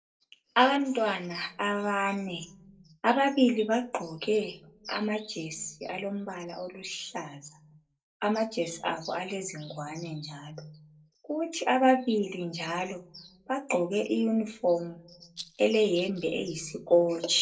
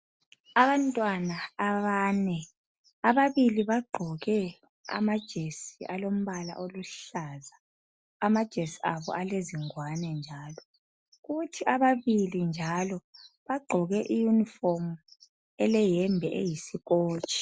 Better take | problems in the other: second | noise reduction (neural separator model SepFormer DNS4)

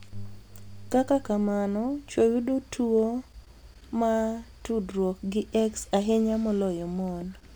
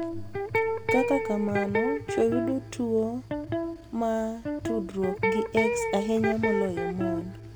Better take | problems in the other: first | background sound (Electric guitar); 1 dB below the speech

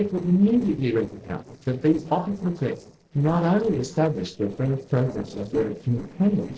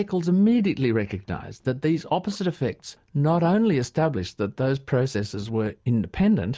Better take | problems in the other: second | noise reduction (neural separator model SepFormer DNS4)

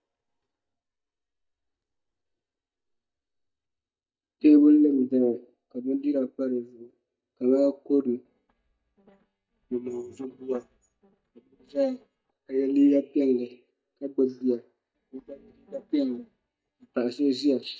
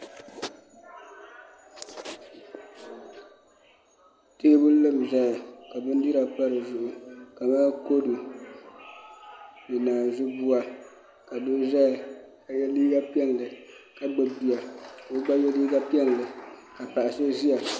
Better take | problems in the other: second | noise reduction (neural mask model DeepFilterNet 3)

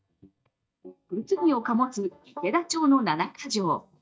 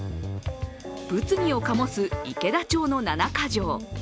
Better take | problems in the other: second | noise reduction (neural mask model DeepFilterNet 3)

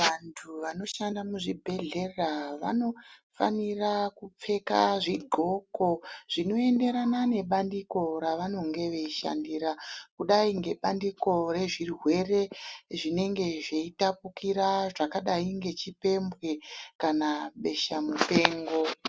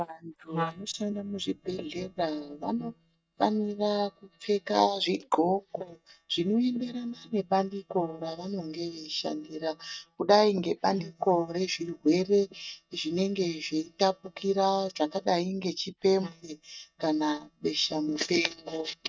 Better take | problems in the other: first | noise reduction (neural mask model DeepFilterNet 3)

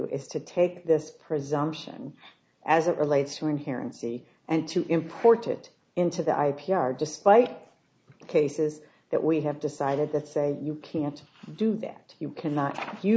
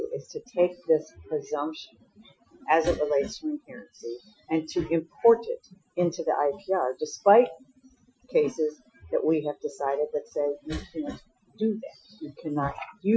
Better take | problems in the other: first | noise reduction (classical method Wiener filter)

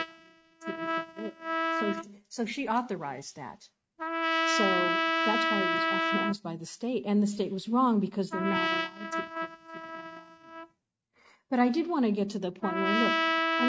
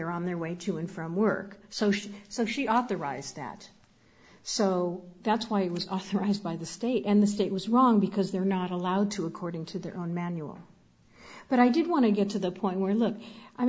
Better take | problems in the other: second | noise reduction (neural mask model RNNoise)

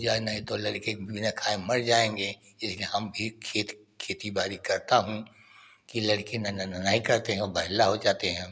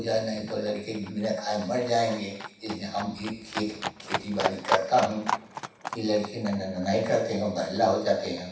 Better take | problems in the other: first | background sound (Livestock, farm animals, working animals); 8 dB below the speech // room echo; dies away in 0.7 s

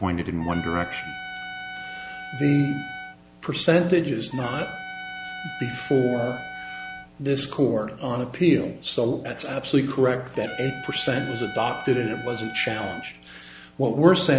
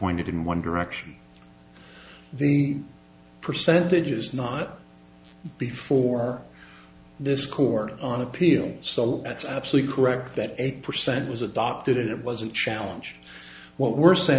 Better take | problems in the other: second | background sound (Trumpet); 12 dB below the speech

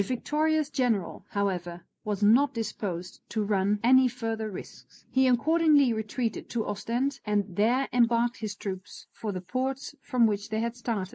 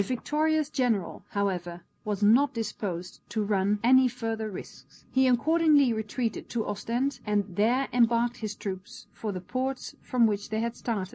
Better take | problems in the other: second | noise reduction (neural mask model Resemble Enhance denoiser)

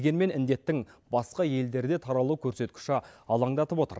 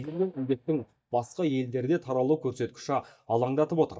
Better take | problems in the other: first | noise reduction (neural mask model DeepFilterNet 3)

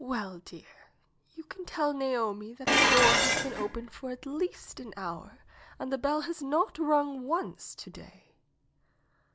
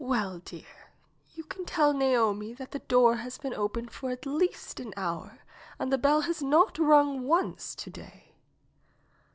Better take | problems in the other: second | background sound (Dishes, pots, and pans); 4 dB above the speech

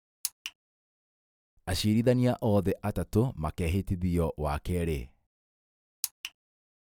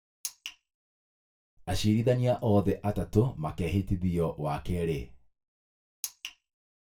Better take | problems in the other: first | room echo; dies away in 0.2 s

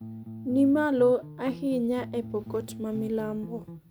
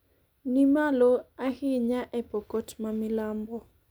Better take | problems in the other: second | background sound (Bass guitar); 14 dB below the speech

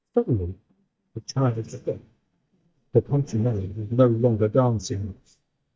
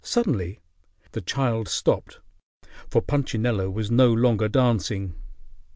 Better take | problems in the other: second | noise reduction (neural mask model DeepFilterNet 3)

